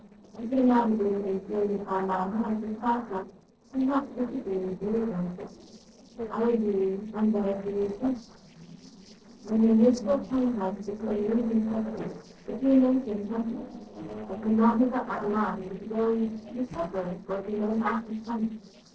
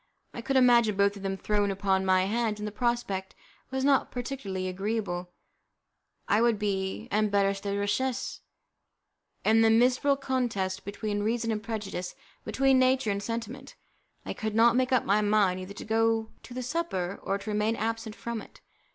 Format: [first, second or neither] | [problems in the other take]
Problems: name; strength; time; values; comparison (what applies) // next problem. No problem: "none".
second | noise reduction (neural separator model SepFormer DNS4)